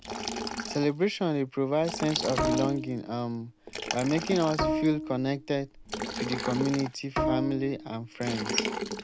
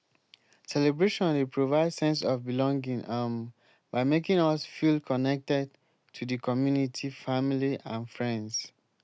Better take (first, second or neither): second